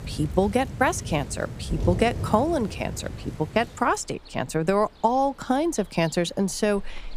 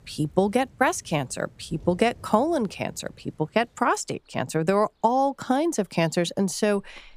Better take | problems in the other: second | rain or running water; loud; throughout; 9 dB below the speech; faint in the second

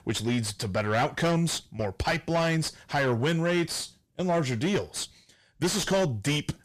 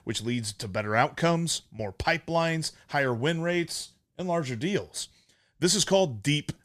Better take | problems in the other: second | distortion; heavy; 7 dB below the speech

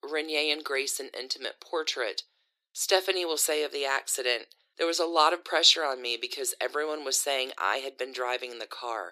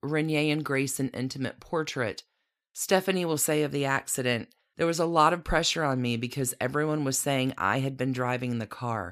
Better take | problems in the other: second | thin; very; fading below 350 Hz

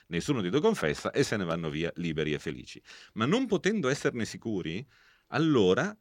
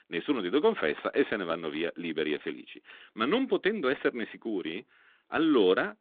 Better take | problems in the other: first | phone-call audio

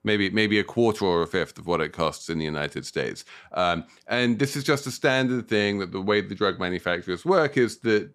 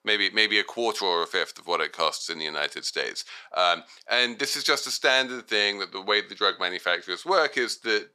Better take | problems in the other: first | thin; very; fading below 600 Hz

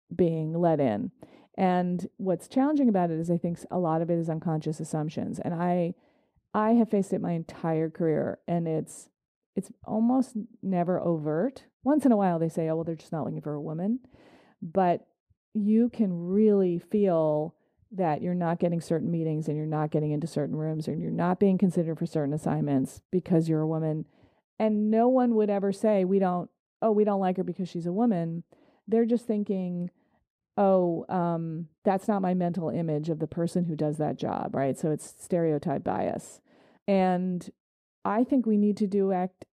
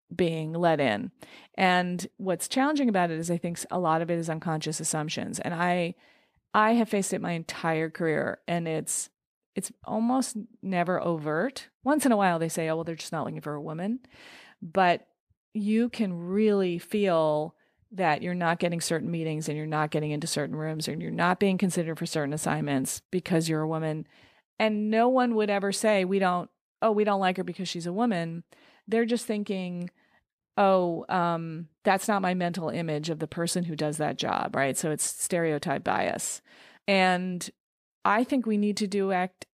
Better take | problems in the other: second | muffled; slightly; fading above 1 kHz

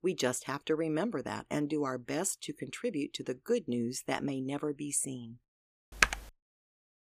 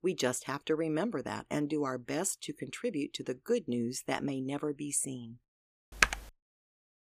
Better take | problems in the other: neither | keyboard typing; loud; at 6 s; peak 5 dB above the speech; the same in both

